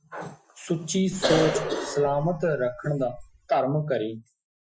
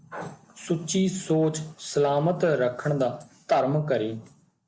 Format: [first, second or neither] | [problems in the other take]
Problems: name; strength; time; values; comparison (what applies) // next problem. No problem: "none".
second | noise reduction (classical method Wiener filter)